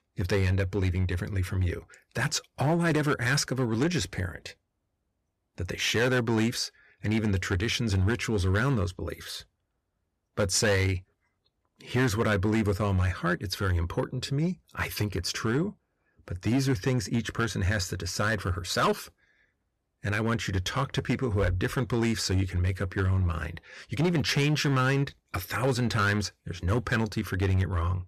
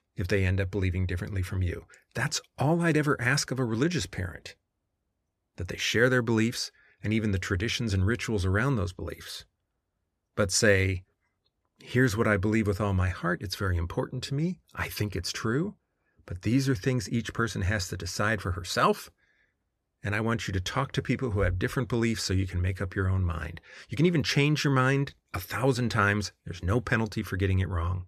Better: second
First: distortion; slight; 6% of the sound clipped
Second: none

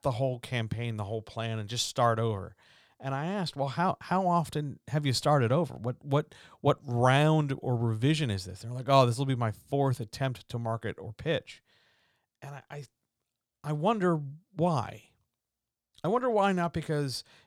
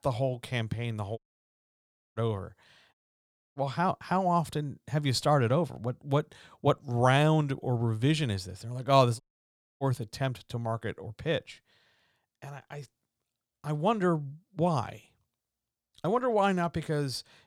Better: first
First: none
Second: audio cutting out; at 1 s for 1 s, at 3 s for 0.5 s and at 9 s for 0.5 s

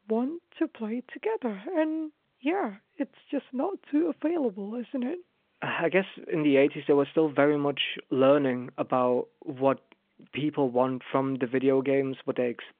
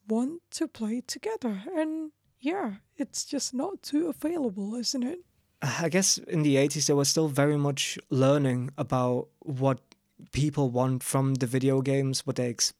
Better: second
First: phone-call audio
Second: none

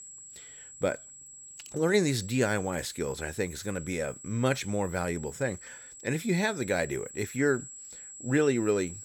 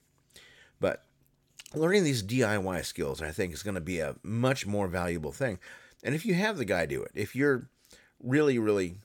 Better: second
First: high-pitched whine; noticeable; throughout; 8 kHz, 15 dB below the speech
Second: none

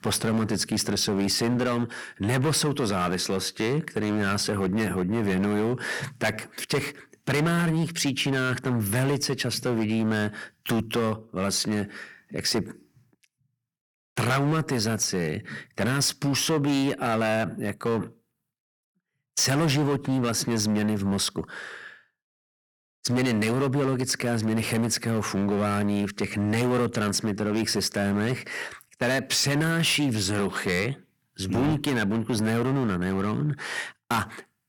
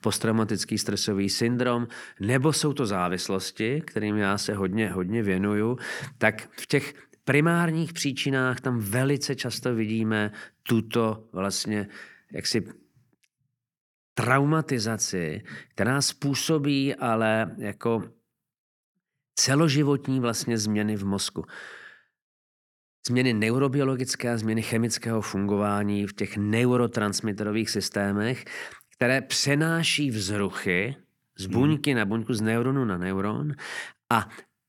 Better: second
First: distortion; heavy; 12% of the sound clipped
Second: none

